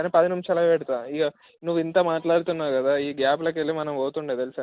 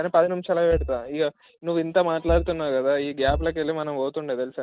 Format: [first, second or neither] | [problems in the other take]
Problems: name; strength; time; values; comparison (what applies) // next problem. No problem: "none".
first | noise reduction (neural mask model RNNoise)